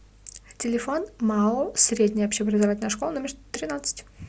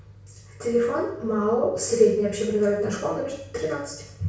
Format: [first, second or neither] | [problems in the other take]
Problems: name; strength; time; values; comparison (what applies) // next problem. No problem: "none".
first | room echo; dies away in 0.6 s